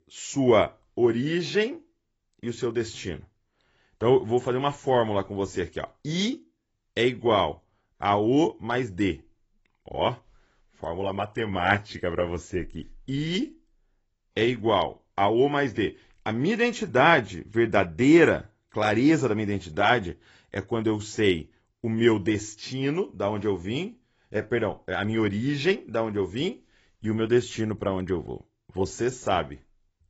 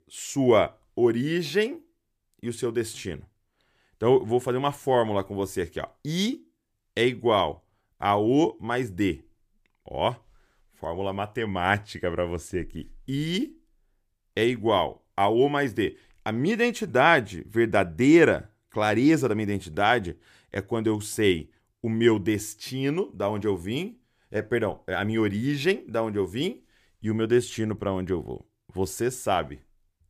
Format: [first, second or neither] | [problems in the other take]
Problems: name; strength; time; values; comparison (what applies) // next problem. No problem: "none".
second | garbled, watery; badly; nothing above 7.5 kHz